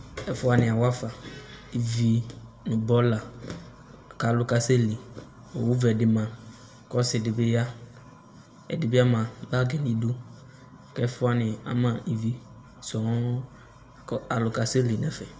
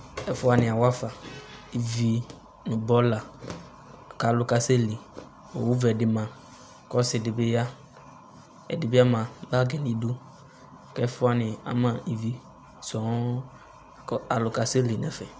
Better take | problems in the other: second | room echo; dies away in 0.8 s

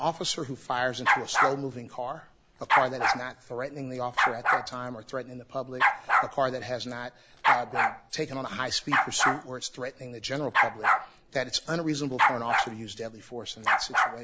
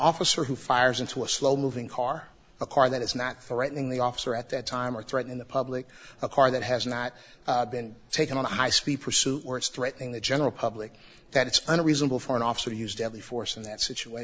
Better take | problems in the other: second | background sound (Bark); 4 dB above the speech

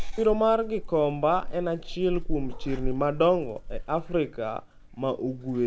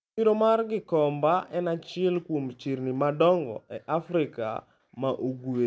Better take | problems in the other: second | background sound (Meow / Purr); 6 dB below the speech

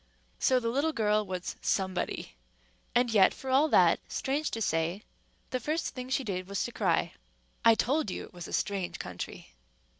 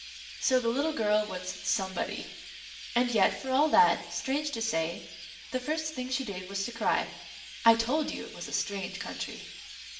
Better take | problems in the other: first | background sound (Chirp, tweet); 14 dB below the speech // room echo; dies away in 0.6 s

